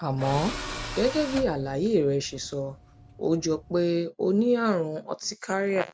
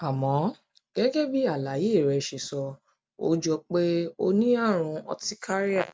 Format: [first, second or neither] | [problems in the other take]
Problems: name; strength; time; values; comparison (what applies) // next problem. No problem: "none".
second | background sound (Tools); 12 dB below the speech